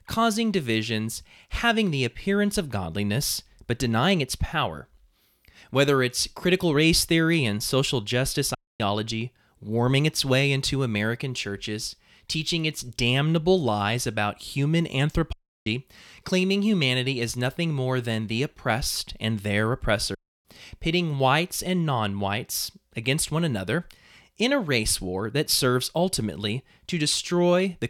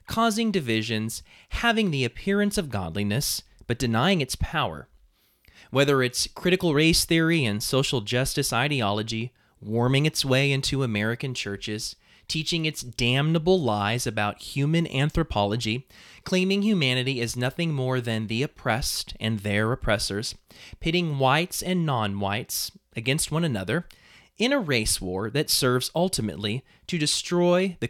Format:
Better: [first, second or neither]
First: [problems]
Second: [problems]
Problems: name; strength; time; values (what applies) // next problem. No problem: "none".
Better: second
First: audio cutting out; at 8.5 s, at 15 s and at 20 s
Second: none